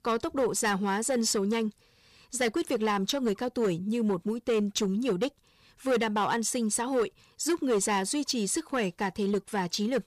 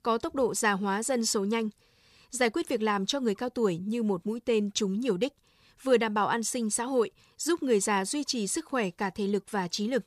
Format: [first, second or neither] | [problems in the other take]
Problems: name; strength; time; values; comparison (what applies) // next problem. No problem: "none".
second | distortion; slight; 7% of the sound clipped